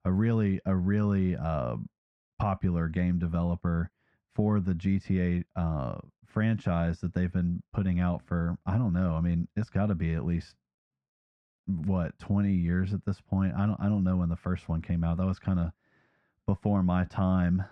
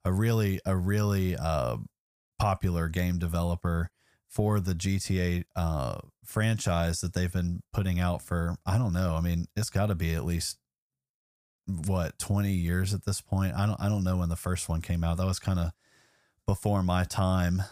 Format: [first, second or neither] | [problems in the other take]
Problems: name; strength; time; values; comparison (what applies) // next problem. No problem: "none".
second | muffled; very; fading above 2 kHz